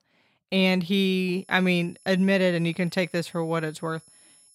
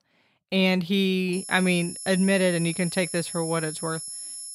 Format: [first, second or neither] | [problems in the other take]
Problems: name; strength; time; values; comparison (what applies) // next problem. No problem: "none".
first | high-pitched whine; loud; from 1.5 s on; 11 kHz, 9 dB below the speech; faint in the first